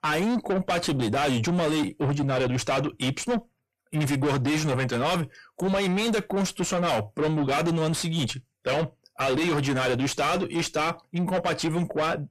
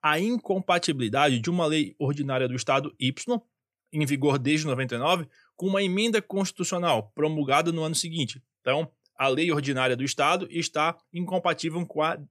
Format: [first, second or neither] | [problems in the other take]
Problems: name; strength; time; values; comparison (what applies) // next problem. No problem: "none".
second | distortion; heavy; 5 dB below the speech